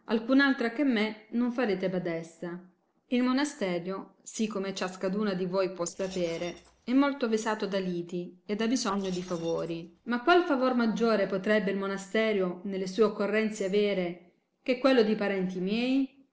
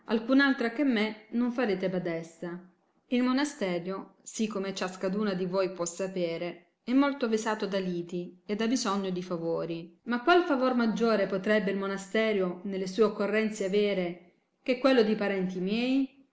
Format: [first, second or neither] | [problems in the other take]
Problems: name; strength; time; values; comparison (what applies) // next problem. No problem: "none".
second | noise reduction (neural separator model SepFormer DNS4)